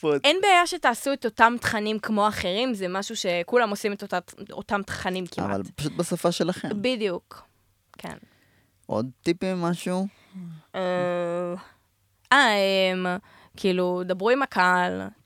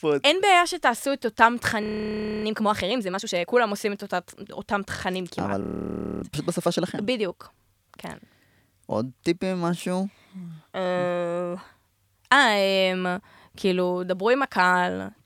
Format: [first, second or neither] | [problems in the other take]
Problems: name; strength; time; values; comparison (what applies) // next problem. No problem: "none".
first | audio freezing; at 2 s for 0.5 s and at 5.5 s for 0.5 s